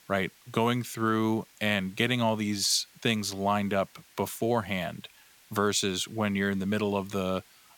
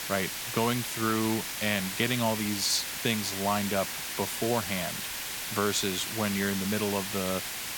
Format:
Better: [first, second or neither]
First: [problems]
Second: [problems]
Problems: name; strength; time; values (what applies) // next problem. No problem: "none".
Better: first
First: hiss; faint; throughout; 25 dB below the speech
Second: hiss; loud; throughout; 3 dB below the speech